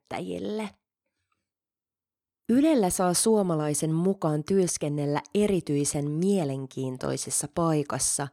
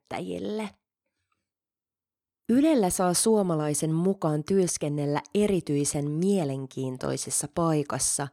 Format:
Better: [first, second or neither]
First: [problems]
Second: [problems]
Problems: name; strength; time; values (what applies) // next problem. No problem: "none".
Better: neither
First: none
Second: none